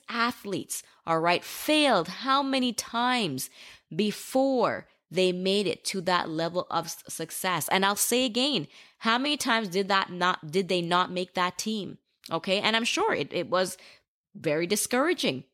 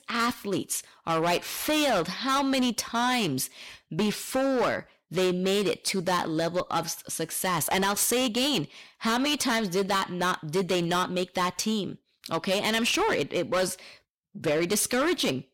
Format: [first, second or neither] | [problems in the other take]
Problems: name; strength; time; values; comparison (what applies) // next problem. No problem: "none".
first | distortion; heavy; 13% of the sound clipped